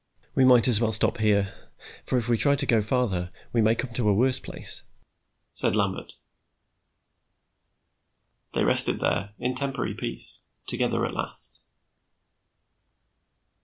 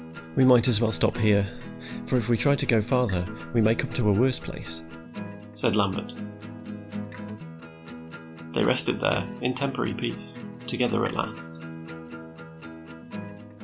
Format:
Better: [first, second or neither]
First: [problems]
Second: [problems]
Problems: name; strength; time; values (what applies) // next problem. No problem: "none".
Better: first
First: none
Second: background sound (Acoustic guitar); 10 dB below the speech